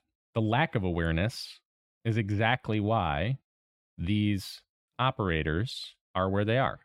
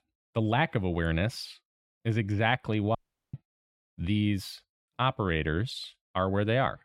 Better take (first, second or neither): first